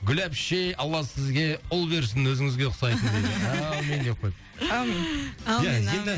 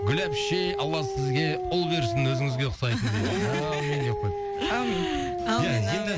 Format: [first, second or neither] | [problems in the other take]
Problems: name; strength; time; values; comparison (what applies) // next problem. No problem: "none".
first | background sound (Dog); 4 dB below the speech